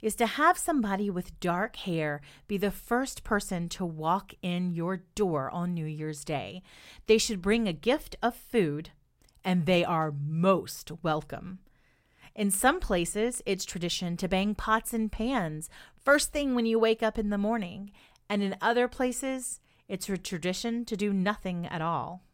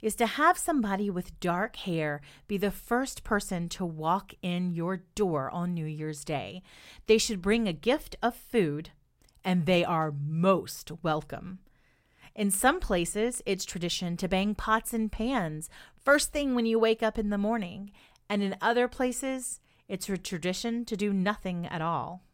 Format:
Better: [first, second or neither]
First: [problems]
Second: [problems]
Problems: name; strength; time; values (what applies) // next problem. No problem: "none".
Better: neither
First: none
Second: none